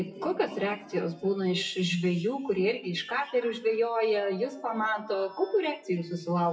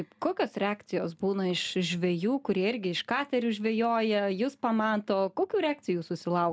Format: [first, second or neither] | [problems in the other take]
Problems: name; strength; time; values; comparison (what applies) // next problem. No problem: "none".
second | noise reduction (classical method WPE with log-MMSE)